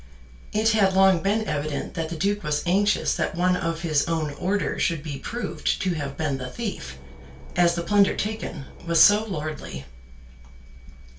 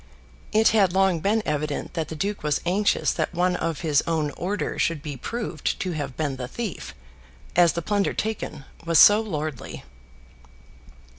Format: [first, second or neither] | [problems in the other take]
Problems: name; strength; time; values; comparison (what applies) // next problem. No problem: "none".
second | background sound (Engine / Boat, Water vehicle); 19 dB below the speech // room echo; dies away in 0.2 s